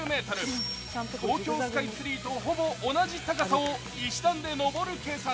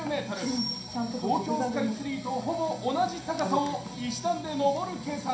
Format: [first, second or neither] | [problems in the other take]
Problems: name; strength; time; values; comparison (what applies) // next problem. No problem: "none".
first | room echo; dies away in 0.5 s